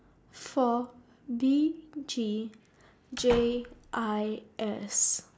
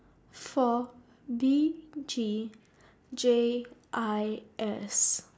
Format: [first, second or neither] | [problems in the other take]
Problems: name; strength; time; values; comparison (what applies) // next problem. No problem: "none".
second | background sound (Slam / Wood); 13 dB below the speech